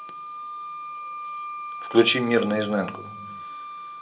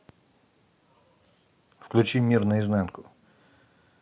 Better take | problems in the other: second | background sound (Wind instrument, woodwind instrument); 9 dB below the speech // room echo; dies away in 0.2 s

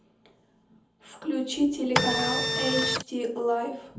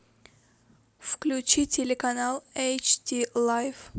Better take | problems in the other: second | background sound (Printer); 4 dB above the speech // room echo; dies away in 0.7 s

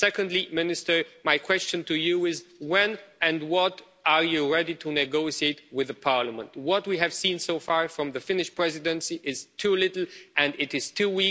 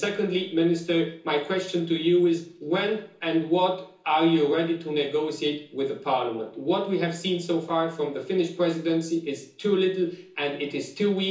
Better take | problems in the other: first | room echo; dies away in 0.7 s

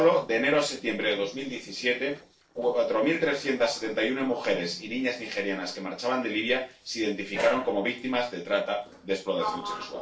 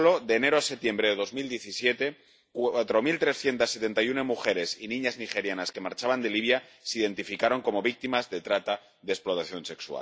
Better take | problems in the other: second | noise reduction (neural separator model SepFormer DNS4)

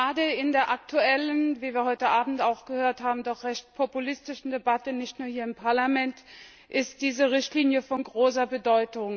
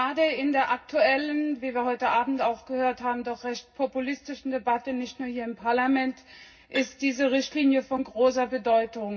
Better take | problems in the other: first | background sound (Bowed string instrument); 17 dB below the speech // room echo; dies away in 0.4 s

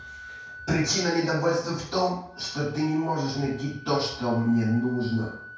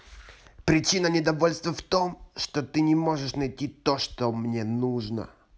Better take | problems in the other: second | background sound (Wind instrument, woodwind instrument); 18 dB below the speech // room echo; dies away in 0.5 s

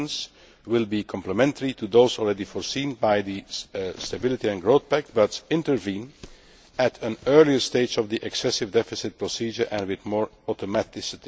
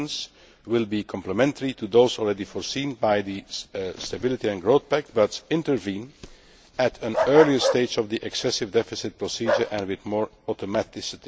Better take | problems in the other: first | background sound (Bark); 4 dB below the speech

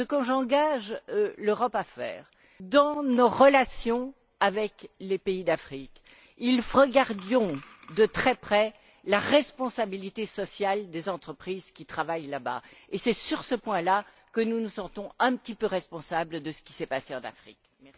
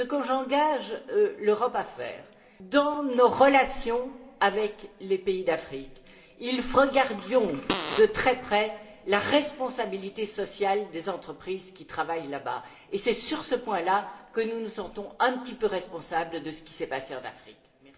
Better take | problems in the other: first | background sound (Fart); 5 dB below the speech // room echo; dies away in 2.6 s

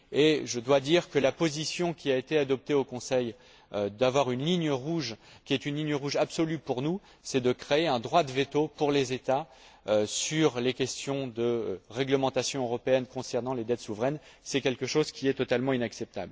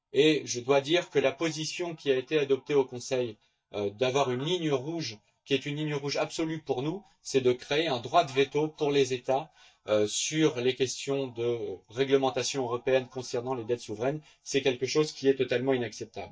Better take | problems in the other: first | noise reduction (neural mask model DeepFilterNet 3)

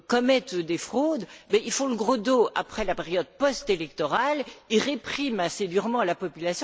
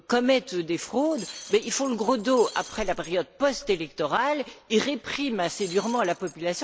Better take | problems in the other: first | background sound (Shatter); 17 dB below the speech

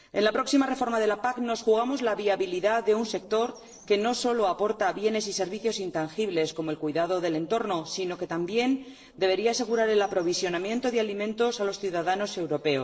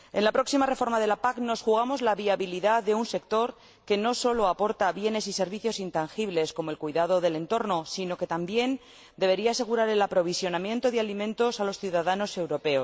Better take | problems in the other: second | noise reduction (neural separator model SepFormer DNS4)

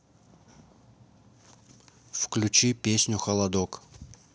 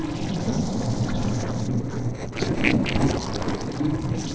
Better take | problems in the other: first | noise reduction (neural separator model SepFormer DNS4)

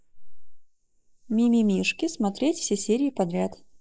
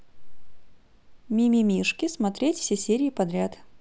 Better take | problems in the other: second | noise reduction (neural mask model Resemble Enhance denoiser)

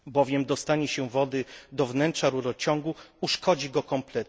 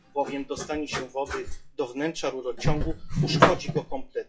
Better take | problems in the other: first | noise reduction (classical method WPE with log-MMSE)

